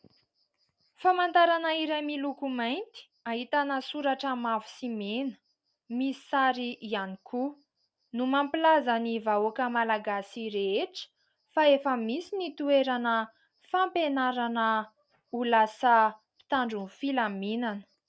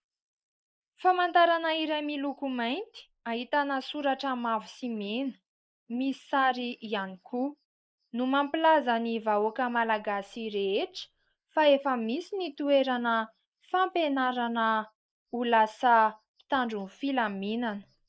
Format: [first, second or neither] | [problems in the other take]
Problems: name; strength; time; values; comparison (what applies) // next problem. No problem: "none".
first | noise reduction (neural mask model Resemble Enhance denoiser)